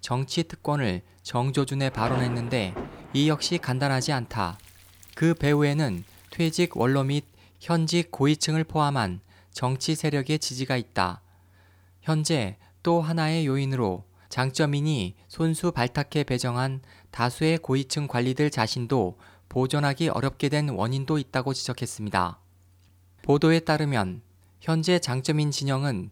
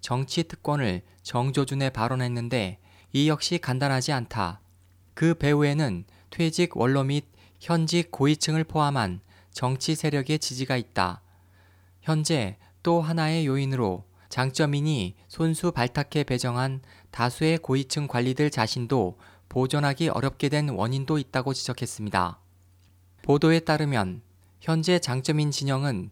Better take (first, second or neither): second